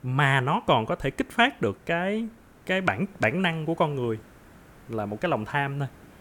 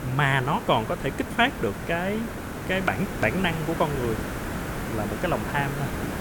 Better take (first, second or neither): first